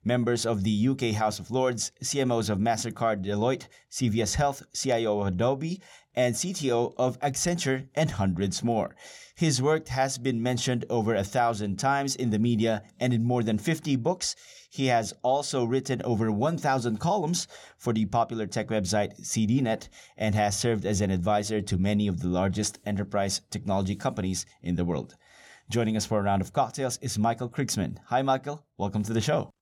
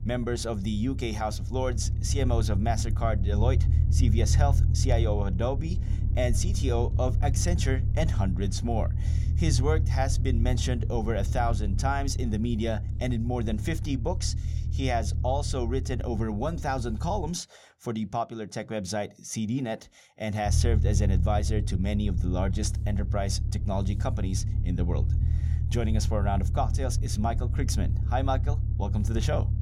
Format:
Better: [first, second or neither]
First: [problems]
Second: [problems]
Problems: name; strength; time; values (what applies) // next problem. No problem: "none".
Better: first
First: none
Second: low rumble; noticeable; until 17 s and from 20 s on; 10 dB below the speech